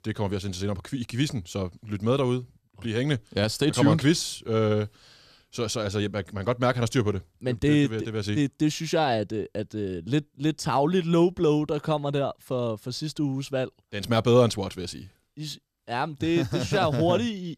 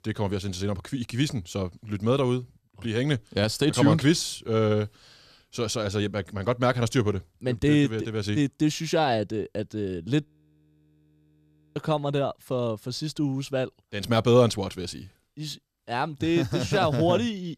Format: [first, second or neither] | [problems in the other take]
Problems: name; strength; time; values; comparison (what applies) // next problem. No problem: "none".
first | audio freezing; at 10 s for 1.5 s